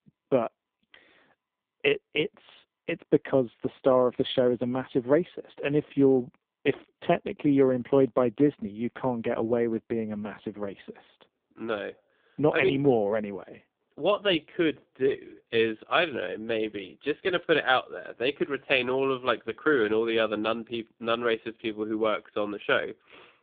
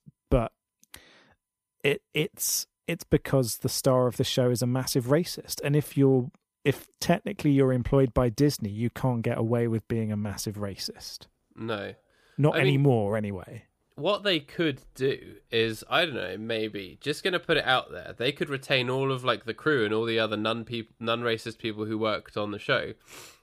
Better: second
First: phone-call audio; poor line; nothing above 3.5 kHz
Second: none

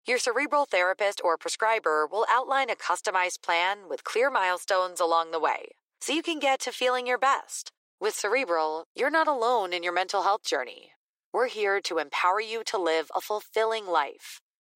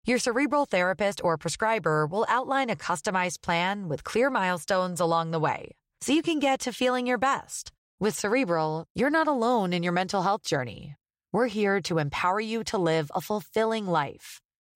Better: second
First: thin; very; fading below 350 Hz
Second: none

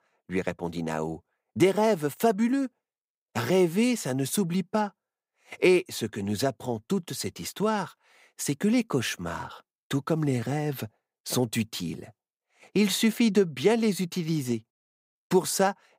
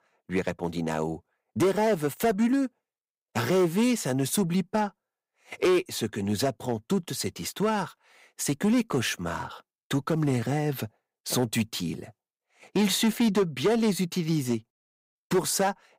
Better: first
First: none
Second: distortion; slight; 5% of the sound clipped

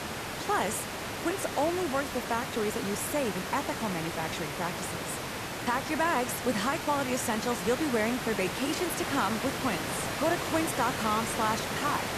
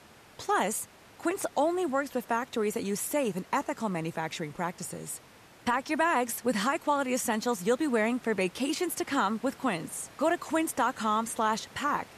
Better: second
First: hiss; loud; throughout; 3 dB below the speech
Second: hiss; faint; throughout; 25 dB below the speech

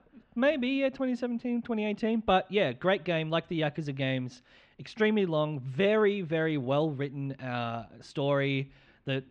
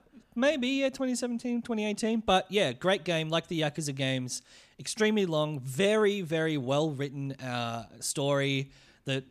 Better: second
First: muffled; very; fading above 3 kHz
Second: none

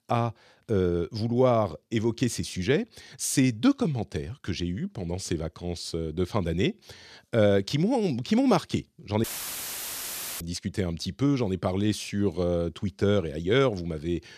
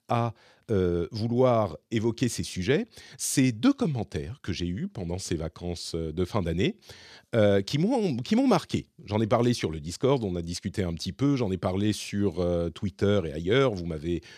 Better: second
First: audio cutting out; filled with static; at 9 s for 1 s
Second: none

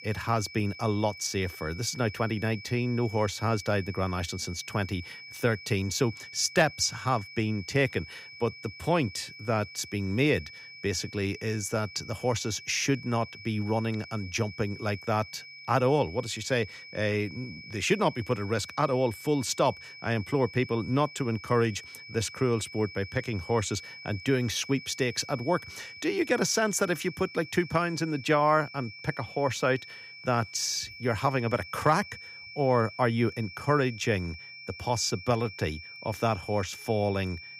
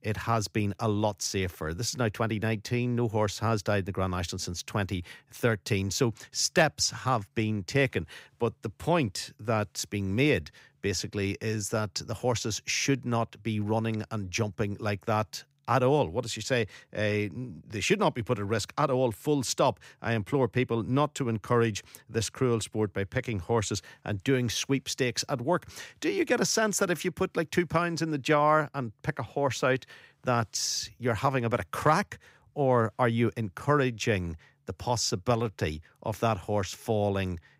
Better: second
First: high-pitched whine; noticeable; throughout; 2.5 kHz, 15 dB below the speech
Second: none

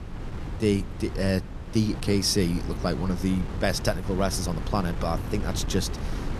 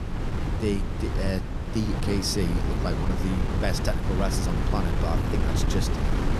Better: first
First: wind noise on the microphone; occasional gusts; 10 dB below the speech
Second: wind noise on the microphone; heavy; 1 dB below the speech

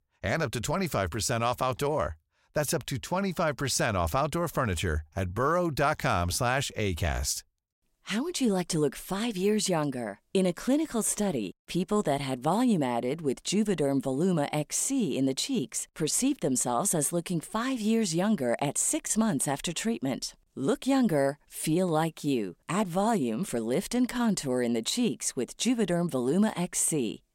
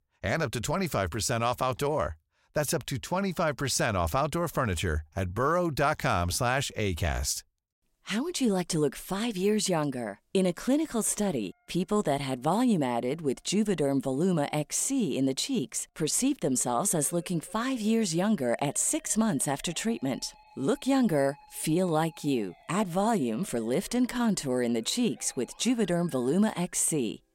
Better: first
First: none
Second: background music; faint; from 11 s on; 30 dB below the speech

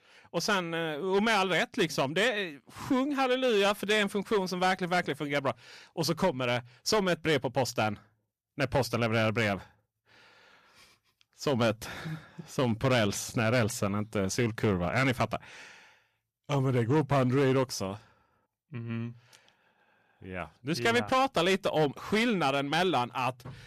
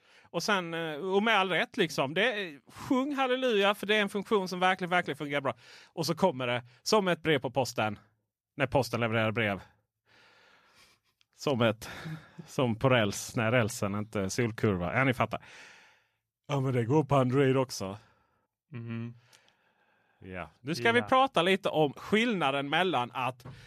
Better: second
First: distortion; slight; 6% of the sound clipped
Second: none

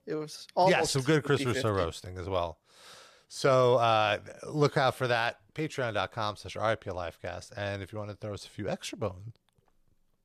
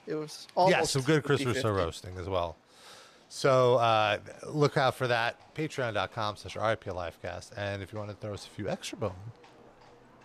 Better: first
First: none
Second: animal sounds; faint; throughout; 30 dB below the speech

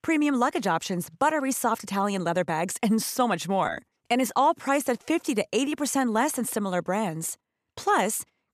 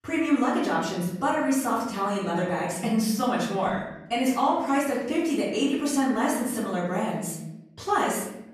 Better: first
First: none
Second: off-mic speech; far // room echo; noticeable; dies away in 0.9 s

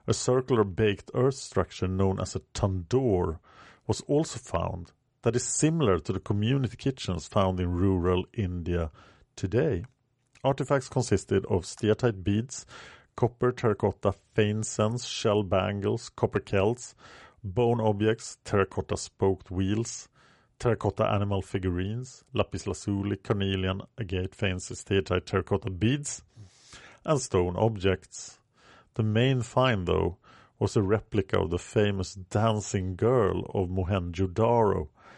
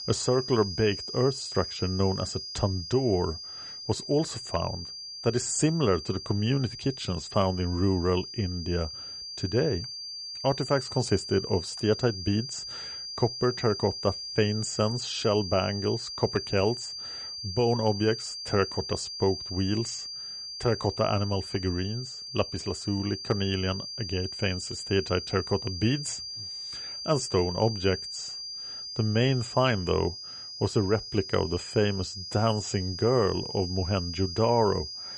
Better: first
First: none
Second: high-pitched whine; loud; throughout; 5 kHz, 7 dB below the speech

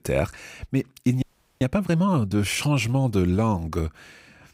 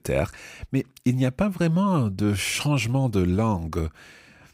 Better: second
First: audio freezing; at 1 s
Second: none

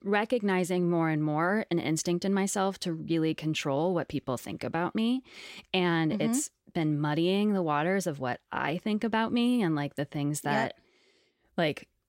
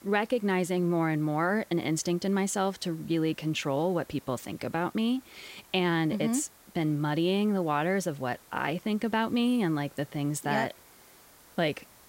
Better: first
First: none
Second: hiss; faint; throughout; 25 dB below the speech

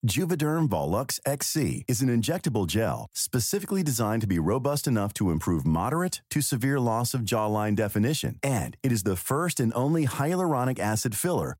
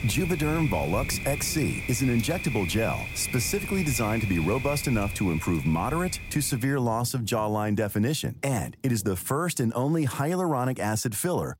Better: first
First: none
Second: rain or running water; loud; throughout; 7 dB below the speech

